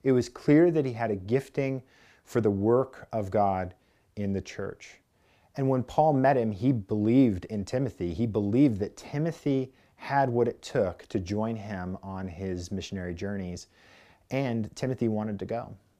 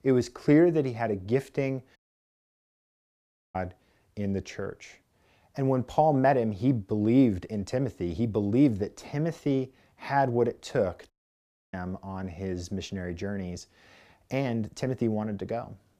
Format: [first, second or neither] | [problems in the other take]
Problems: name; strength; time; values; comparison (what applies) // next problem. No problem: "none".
first | audio cutting out; at 2 s for 1.5 s and at 11 s for 0.5 s